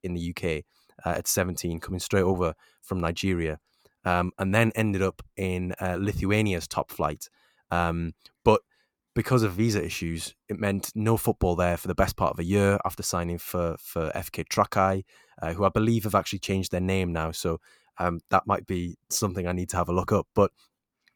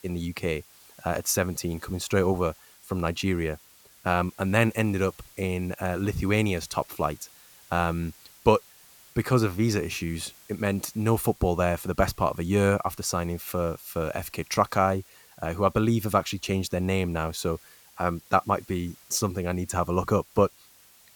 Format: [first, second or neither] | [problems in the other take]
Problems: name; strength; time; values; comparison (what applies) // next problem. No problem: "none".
first | hiss; faint; throughout; 25 dB below the speech